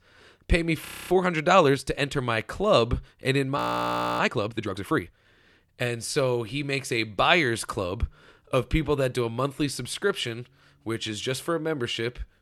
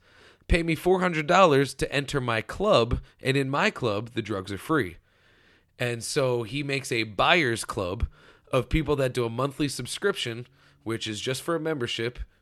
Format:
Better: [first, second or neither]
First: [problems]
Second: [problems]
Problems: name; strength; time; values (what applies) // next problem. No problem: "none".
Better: second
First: audio freezing; at 1 s and at 3.5 s for 0.5 s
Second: none